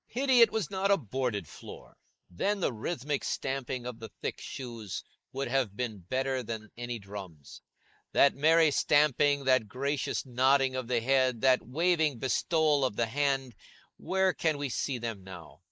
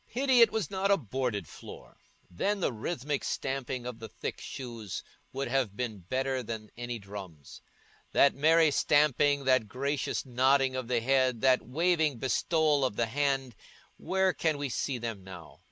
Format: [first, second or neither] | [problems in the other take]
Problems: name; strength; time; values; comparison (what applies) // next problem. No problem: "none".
second | noise reduction (neural mask model Resemble Enhance denoiser)